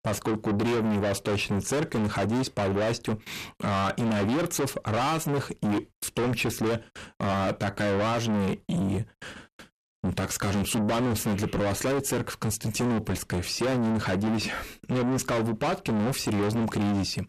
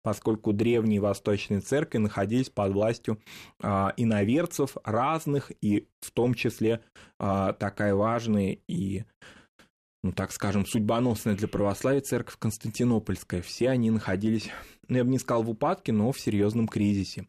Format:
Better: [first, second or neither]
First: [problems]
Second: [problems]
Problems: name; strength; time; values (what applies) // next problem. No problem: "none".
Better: second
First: distortion; heavy; 6 dB below the speech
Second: none